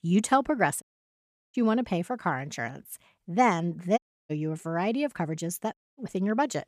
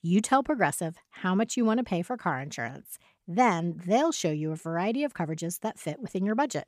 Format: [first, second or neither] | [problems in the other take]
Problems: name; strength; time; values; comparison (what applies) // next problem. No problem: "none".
second | audio cutting out; at 1 s for 0.5 s, at 4 s and at 5.5 s